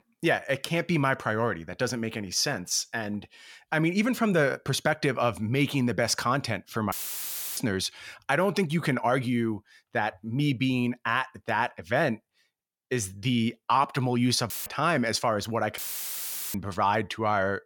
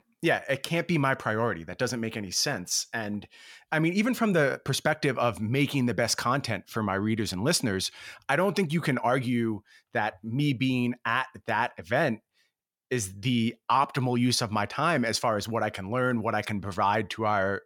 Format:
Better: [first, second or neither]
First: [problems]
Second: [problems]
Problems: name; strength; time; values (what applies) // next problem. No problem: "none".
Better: second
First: audio cutting out; filled with static; at 7 s for 0.5 s, at 15 s and at 16 s for 1 s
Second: none